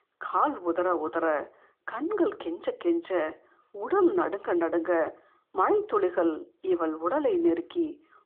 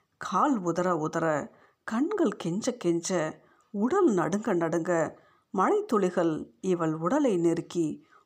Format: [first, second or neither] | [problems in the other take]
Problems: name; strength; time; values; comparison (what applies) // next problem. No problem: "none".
second | phone-call audio